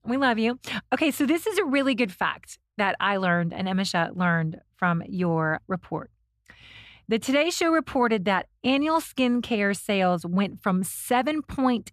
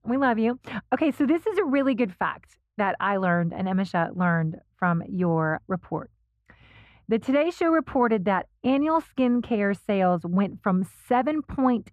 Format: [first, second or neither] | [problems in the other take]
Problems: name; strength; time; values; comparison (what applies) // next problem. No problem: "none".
first | muffled; very; fading above 2.5 kHz